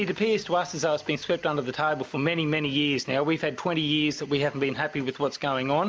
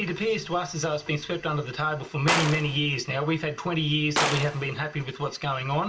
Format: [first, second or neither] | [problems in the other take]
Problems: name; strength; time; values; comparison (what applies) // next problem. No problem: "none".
first | background sound (Gunshot, gunfire); 5 dB below the speech // room echo; dies away in 0.2 s